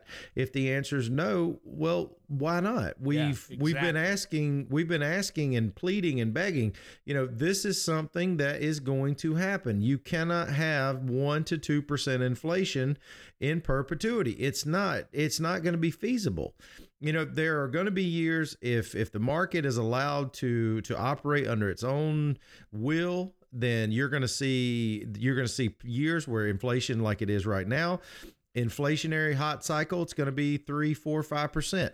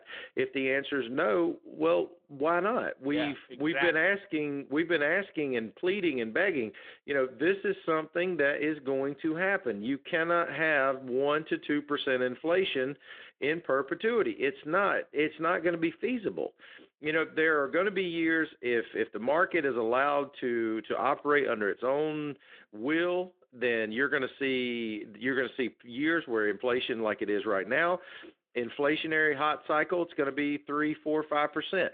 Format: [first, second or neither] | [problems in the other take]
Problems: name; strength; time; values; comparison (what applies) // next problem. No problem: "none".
first | phone-call audio